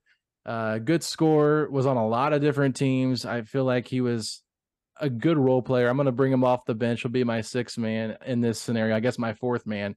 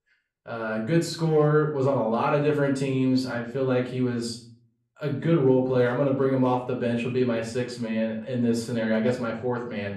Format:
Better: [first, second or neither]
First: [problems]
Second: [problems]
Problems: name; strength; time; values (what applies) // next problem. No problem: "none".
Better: first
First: none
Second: off-mic speech; far // room echo; slight; dies away in 0.4 s